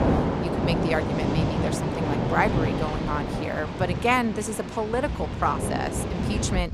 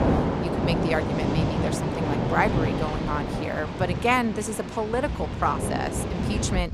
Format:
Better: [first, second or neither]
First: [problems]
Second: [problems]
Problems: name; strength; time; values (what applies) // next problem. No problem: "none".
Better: neither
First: rain or running water; very loud; throughout; 1 dB above the speech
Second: rain or running water; very loud; throughout; 1 dB above the speech